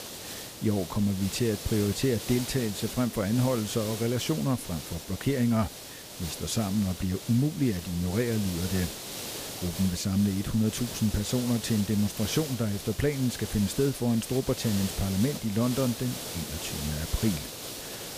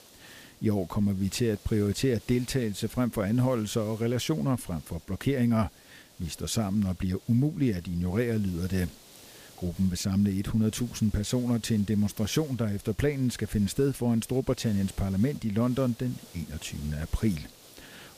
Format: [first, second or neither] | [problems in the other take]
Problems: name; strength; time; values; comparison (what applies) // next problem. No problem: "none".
second | hiss; loud; throughout; 8 dB below the speech; faint in the second